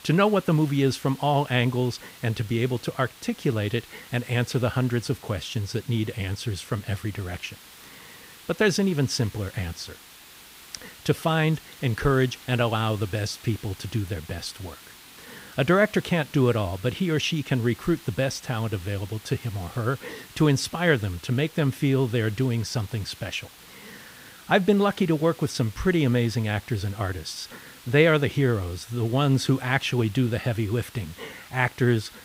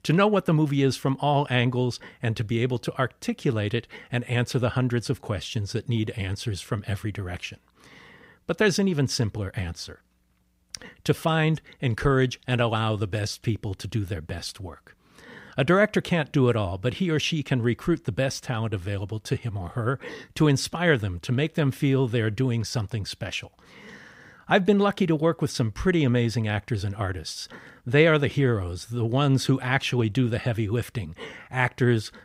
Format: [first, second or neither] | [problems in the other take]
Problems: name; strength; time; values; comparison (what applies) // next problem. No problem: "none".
second | hiss; faint; throughout; 20 dB below the speech